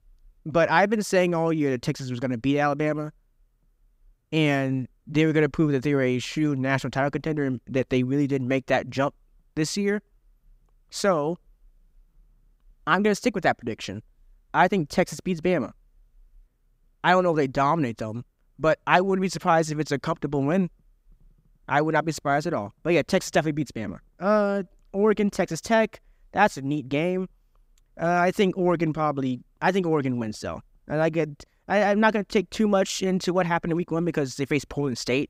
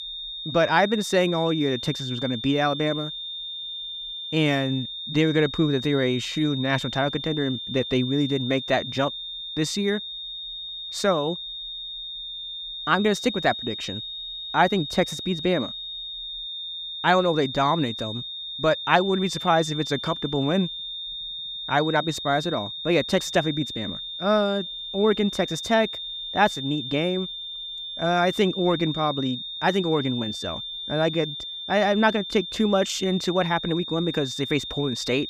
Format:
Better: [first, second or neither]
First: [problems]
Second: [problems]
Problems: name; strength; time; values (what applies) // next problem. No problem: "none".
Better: first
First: none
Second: high-pitched whine; loud; throughout; 3.5 kHz, 7 dB below the speech